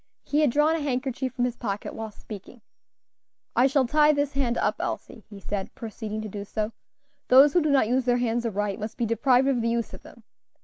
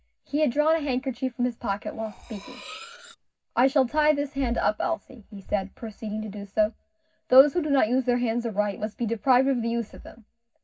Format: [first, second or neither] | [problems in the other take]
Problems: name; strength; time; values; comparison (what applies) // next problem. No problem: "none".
first | background sound (Cutlery, silverware); 18 dB below the speech // room echo; dies away in 0.4 s